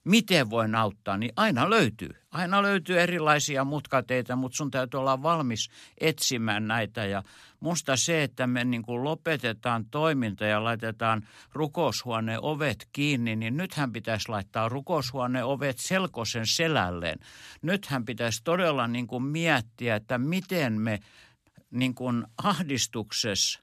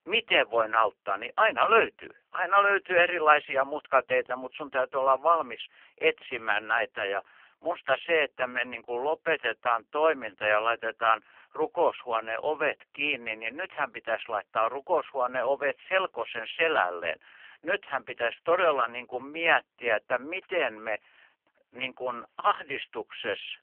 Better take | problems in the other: first | phone-call audio; poor line; nothing above 3 kHz

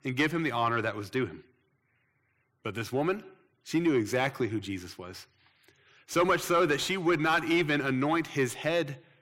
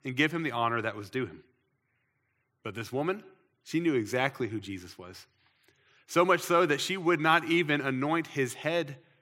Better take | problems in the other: second | distortion; slight; 10 dB below the speech

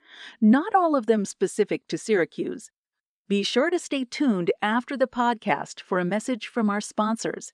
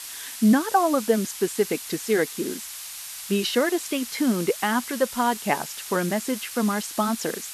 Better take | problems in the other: first | hiss; loud; throughout; 9 dB below the speech

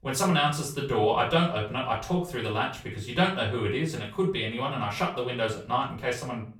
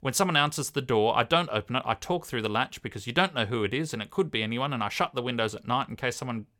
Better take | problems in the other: second | off-mic speech; far // room echo; slight; dies away in 0.4 s

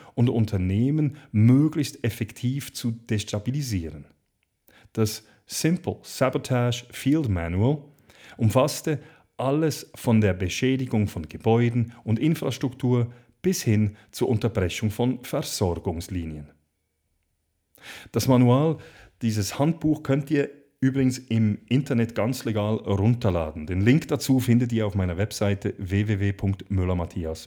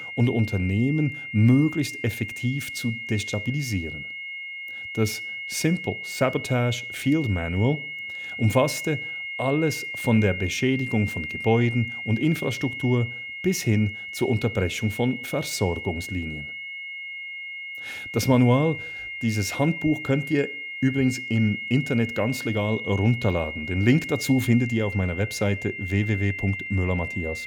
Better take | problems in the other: first | high-pitched whine; loud; throughout; 2 kHz, 7 dB below the speech

